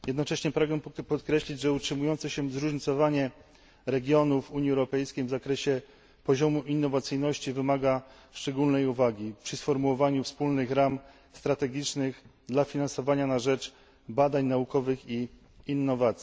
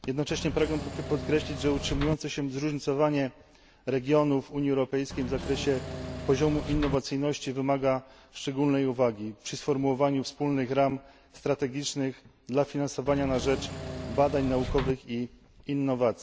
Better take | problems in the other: first | background sound (Engine / Mechanisms); 6 dB below the speech

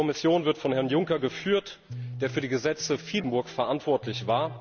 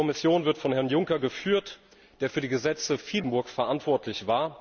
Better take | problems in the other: second | background sound (Electric guitar); 15 dB below the speech

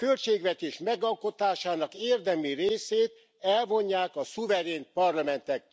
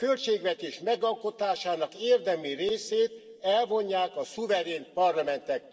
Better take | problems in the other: first | room echo; dies away in 2.2 s

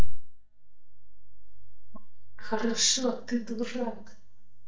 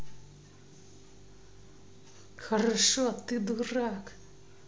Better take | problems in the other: second | noise reduction (neural mask model DeepFilterNet 3)

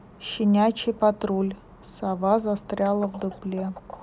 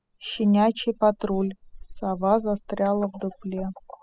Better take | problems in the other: first | noise reduction (classical method spectral subtraction)

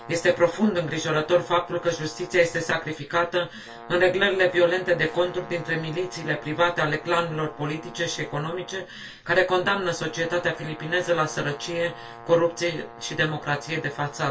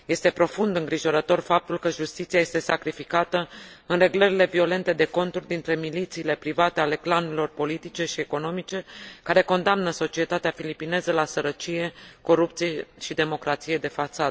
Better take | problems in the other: second | background sound (Brass instrument); 18 dB below the speech // room echo; dies away in 0.2 s

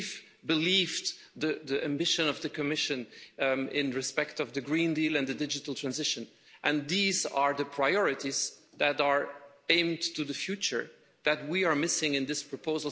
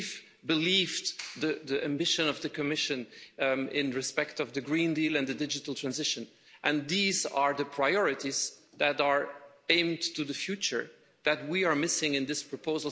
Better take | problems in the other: first | background sound (Clapping); 19 dB below the speech

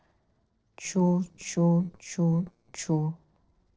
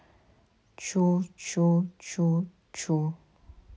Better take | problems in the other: second | noise reduction (neural separator model SepFormer DNS4)

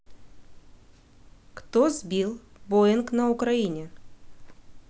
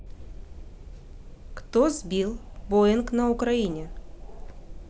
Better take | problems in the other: first | background sound (Wind); 13 dB below the speech

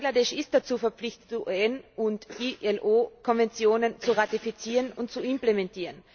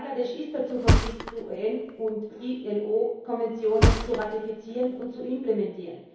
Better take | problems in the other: first | background sound (Thump, thud); 1 dB above the speech // room echo; dies away in 2.2 s

